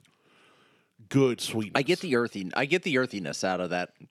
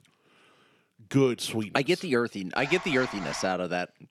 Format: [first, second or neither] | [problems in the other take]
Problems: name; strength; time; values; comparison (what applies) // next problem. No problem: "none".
first | alarm; noticeable; at 2.5 s; peak 9 dB below the speech